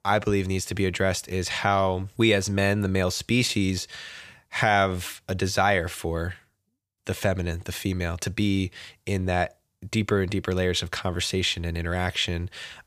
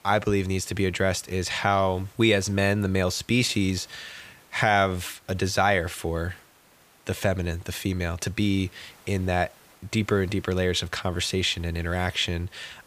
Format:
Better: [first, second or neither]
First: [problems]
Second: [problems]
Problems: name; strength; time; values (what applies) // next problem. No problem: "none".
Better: first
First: none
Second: hiss; faint; throughout; 30 dB below the speech